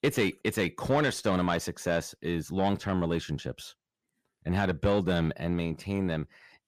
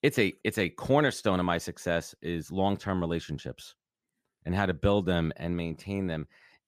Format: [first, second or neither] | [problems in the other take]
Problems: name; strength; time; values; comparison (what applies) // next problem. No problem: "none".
second | distortion; slight; 10 dB below the speech